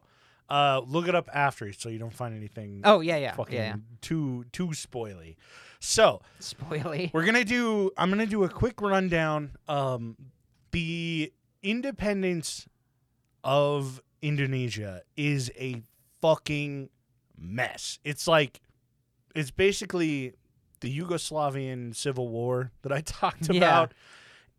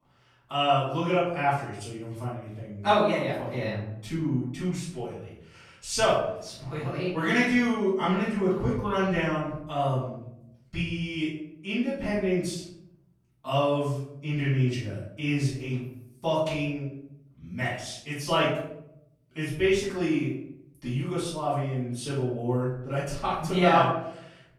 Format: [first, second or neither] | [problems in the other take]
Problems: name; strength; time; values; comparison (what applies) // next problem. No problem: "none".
first | room echo; noticeable; dies away in 0.7 s // off-mic speech; far